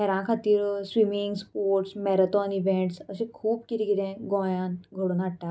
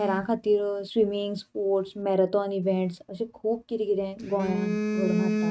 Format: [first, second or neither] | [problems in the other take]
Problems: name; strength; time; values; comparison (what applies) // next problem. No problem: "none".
first | noise reduction (neural mask model RNNoise)